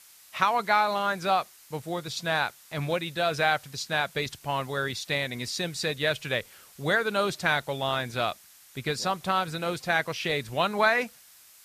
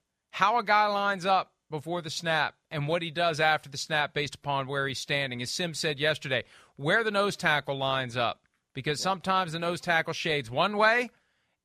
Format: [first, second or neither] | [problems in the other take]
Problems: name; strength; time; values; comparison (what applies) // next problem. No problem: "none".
second | hiss; faint; throughout; 25 dB below the speech